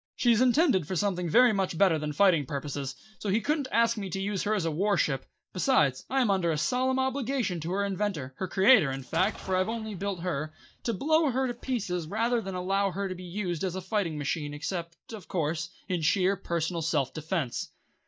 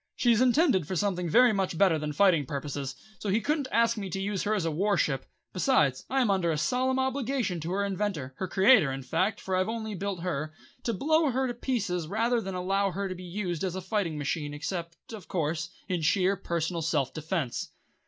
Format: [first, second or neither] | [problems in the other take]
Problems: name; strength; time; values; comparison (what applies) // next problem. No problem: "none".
second | noise reduction (neural mask model DeepFilterNet 3)